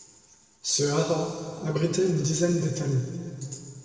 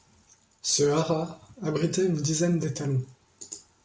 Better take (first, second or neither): second